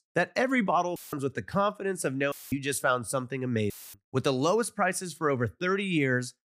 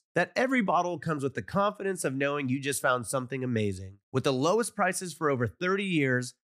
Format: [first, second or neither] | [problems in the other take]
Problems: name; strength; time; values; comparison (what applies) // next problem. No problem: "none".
second | audio cutting out; filled with static; at 1 s, at 2.5 s and at 3.5 s